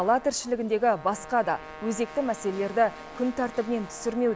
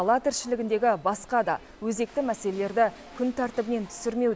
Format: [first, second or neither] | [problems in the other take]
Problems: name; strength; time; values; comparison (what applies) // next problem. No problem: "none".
second | background sound (Brass instrument); 18 dB below the speech